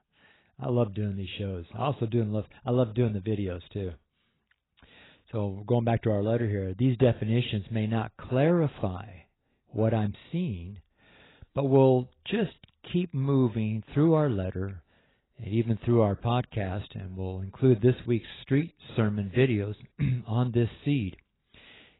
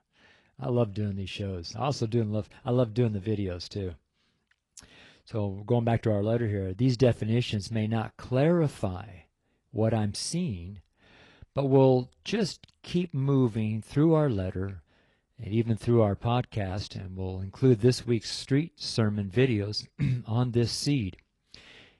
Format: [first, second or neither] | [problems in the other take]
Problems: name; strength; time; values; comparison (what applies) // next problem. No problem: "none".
second | garbled, watery; badly; nothing above 4 kHz; slightly in the second